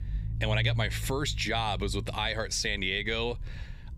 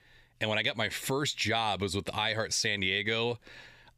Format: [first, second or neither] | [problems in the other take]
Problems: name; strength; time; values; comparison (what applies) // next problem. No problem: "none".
second | low rumble; faint; throughout; 20 dB below the speech